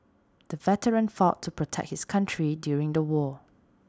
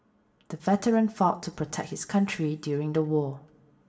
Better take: first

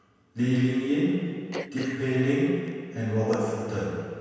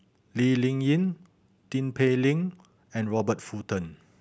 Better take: second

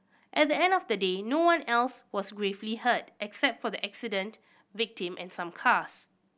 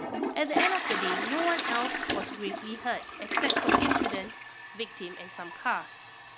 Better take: first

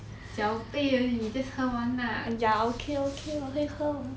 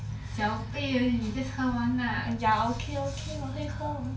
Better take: first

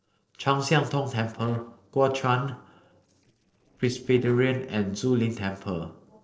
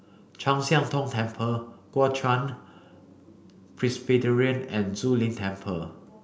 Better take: second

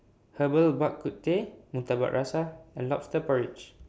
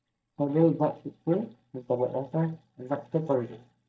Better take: first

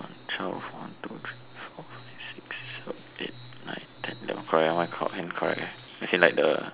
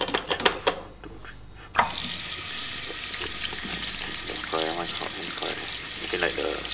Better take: first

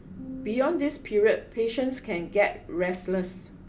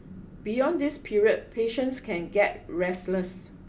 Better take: second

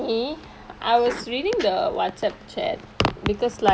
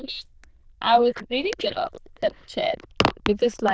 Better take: first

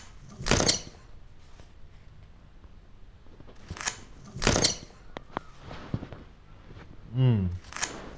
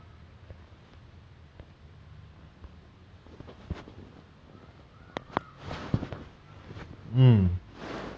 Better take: second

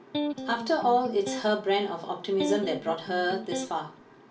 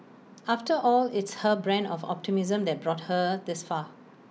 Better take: second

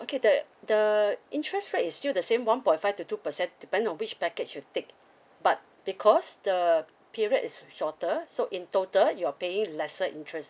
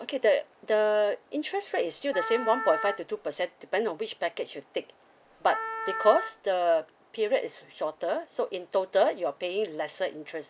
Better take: first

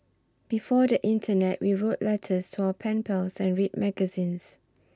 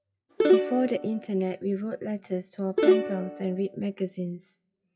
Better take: first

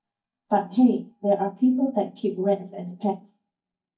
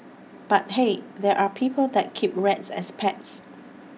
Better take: second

